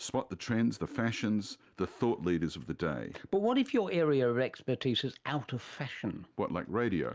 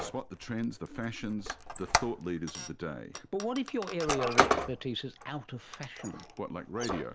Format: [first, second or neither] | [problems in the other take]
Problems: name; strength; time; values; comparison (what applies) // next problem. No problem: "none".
first | background sound (Squeak); 1 dB above the speech